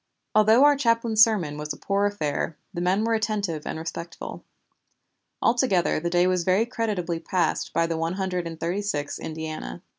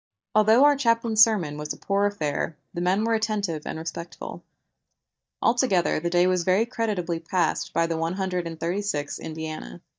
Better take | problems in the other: first | noise reduction (neural mask model DeepFilterNet 3)

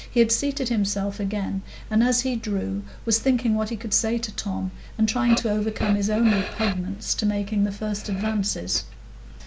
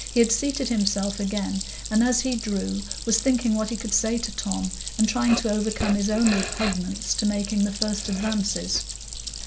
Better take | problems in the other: first | background sound (Stream); 10 dB below the speech

